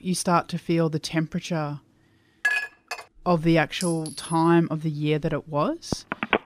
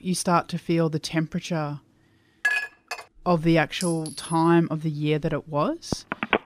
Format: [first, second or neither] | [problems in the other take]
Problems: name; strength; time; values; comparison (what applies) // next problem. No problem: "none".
neither | clattering dishes; loud; at 2.5 s; peak level with the speech; the same in both // clattering dishes; faint; at 4 s; peak 10 dB below the speech; the same in both // phone ringing; noticeable; at 6 s; peak 1 dB below the speech; the same in both